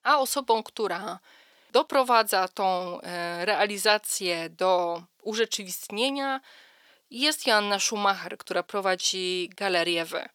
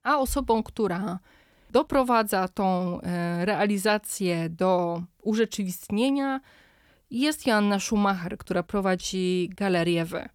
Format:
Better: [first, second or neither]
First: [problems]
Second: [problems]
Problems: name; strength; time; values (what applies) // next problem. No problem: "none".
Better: second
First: thin; somewhat; fading below 450 Hz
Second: none